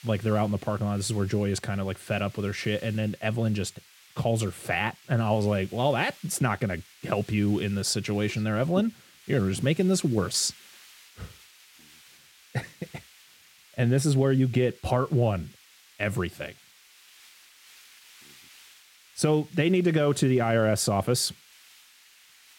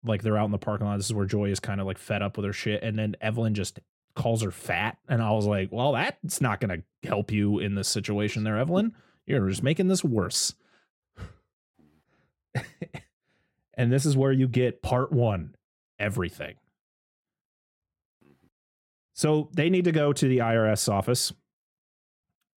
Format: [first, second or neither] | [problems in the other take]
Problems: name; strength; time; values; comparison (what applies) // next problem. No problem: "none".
second | hiss; faint; throughout; 25 dB below the speech